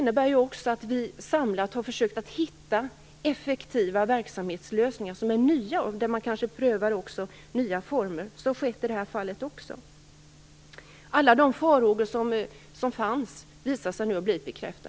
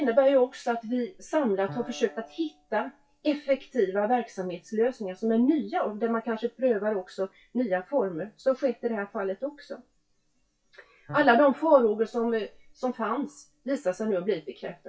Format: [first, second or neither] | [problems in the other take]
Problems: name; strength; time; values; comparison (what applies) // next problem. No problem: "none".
first | noise reduction (classical method WPE with log-MMSE)